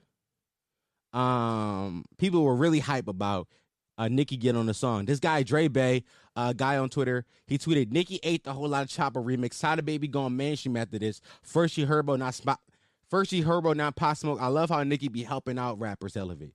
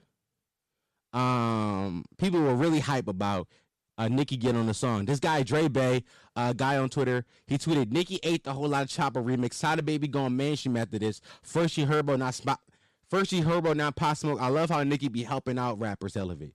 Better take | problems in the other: first | distortion; slight; 9% of the sound clipped

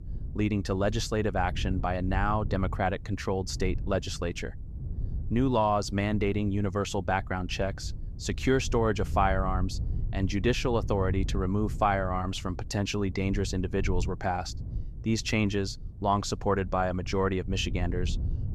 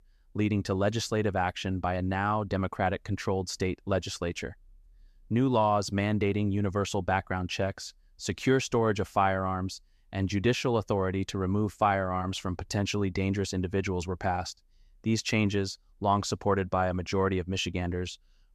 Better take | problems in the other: second | wind noise on the microphone; occasional gusts; 20 dB below the speech

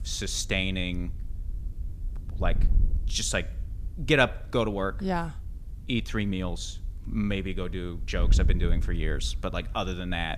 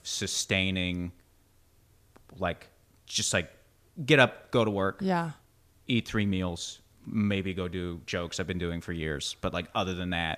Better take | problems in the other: second | wind noise on the microphone; occasional gusts; 20 dB below the speech

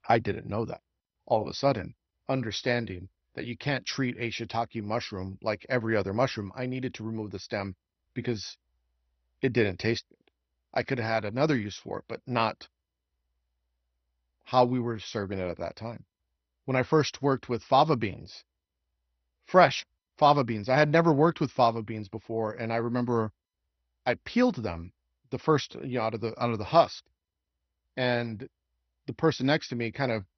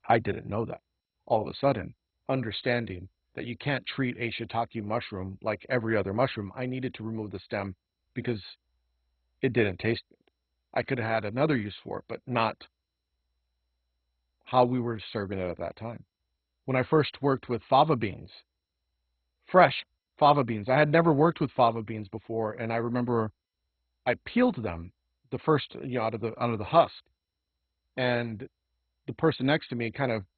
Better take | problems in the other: first | garbled, watery; badly; nothing above 4 kHz; slightly in the first

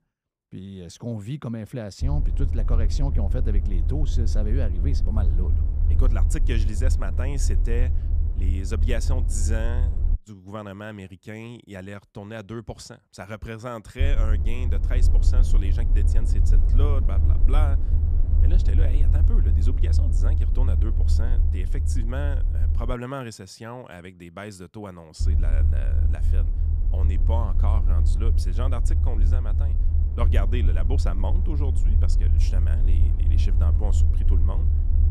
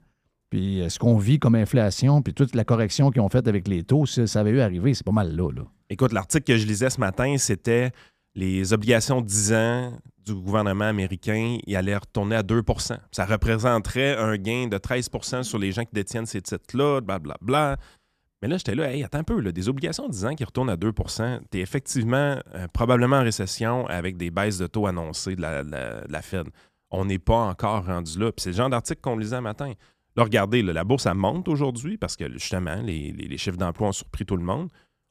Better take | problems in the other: second | low rumble; loud; from 2 to 10 s, from 14 to 23 s and from 25 s on; 5 dB below the speech

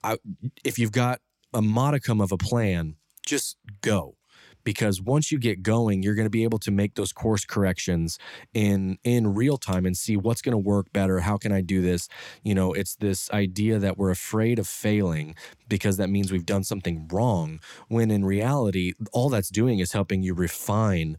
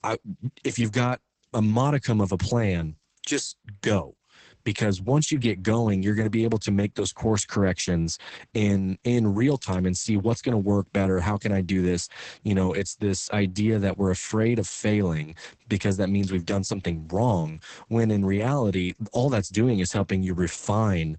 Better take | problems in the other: first | garbled, watery; badly; nothing above 8 kHz

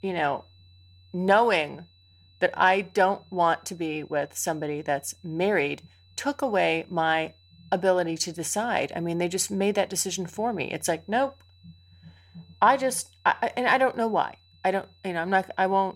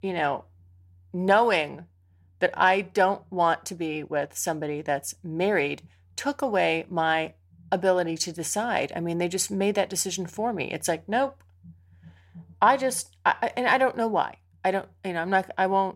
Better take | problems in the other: second | high-pitched whine; faint; throughout; 4 kHz, 35 dB below the speech

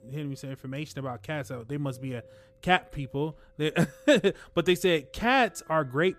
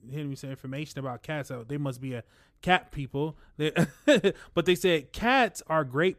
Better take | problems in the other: second | background music; faint; throughout; 25 dB below the speech

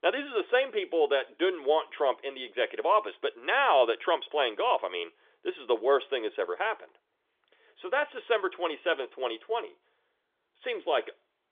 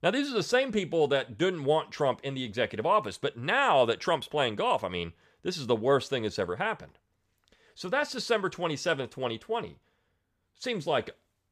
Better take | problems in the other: second | phone-call audio; nothing above 3.5 kHz

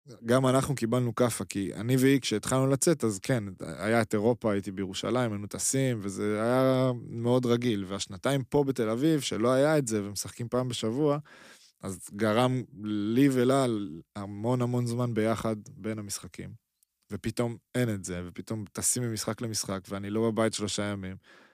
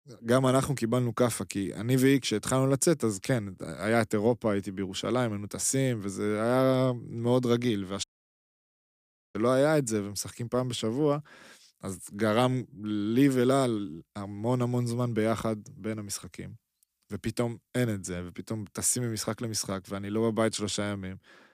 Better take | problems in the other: first | audio cutting out; at 8 s for 1.5 s

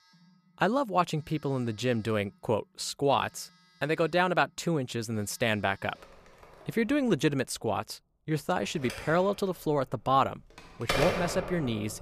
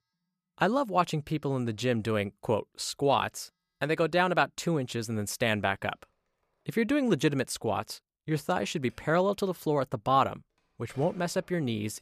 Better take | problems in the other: second | alarms or sirens; loud; throughout; 5 dB below the speech; faint in the second

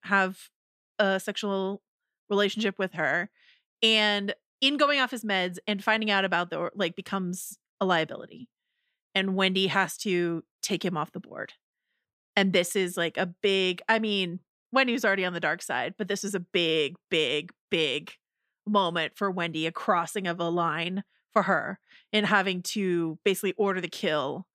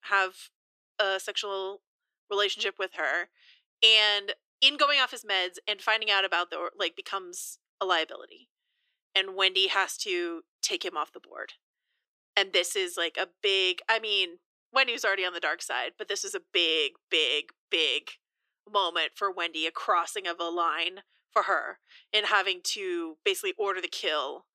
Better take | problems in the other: first | thin; very; fading below 350 Hz

